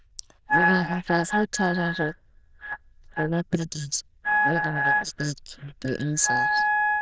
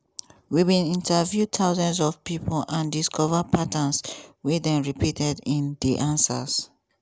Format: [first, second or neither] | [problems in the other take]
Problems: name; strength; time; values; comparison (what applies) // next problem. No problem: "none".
second | noise reduction (neural diffusion model UNIVERSE++)